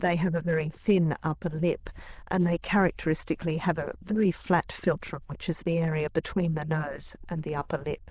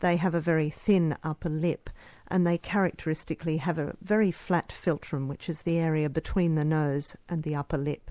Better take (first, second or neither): second